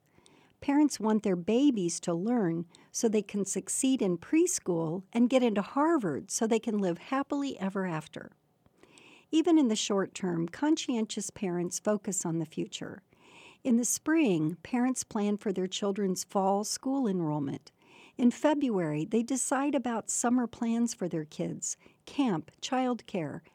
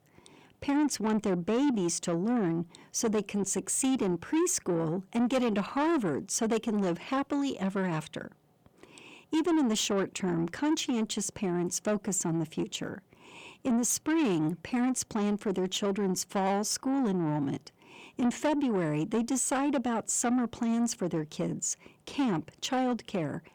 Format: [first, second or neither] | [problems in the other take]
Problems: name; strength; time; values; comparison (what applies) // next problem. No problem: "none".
first | distortion; slight; 10 dB below the speech